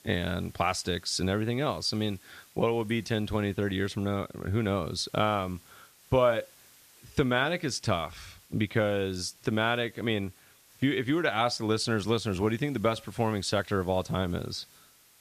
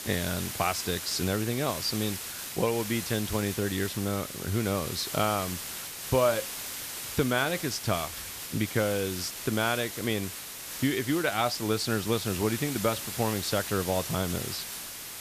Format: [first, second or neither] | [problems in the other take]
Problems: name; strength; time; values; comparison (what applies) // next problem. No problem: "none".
first | hiss; loud; throughout; 6 dB below the speech; faint in the first